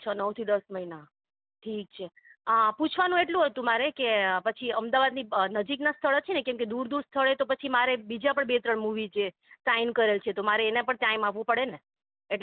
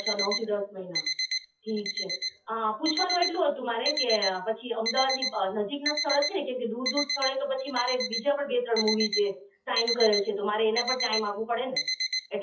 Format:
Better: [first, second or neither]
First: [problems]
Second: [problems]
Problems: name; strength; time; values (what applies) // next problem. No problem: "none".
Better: first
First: none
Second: noise reduction (classical method WPE with log-MMSE)